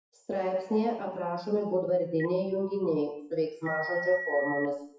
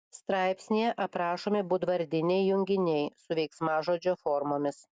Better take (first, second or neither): second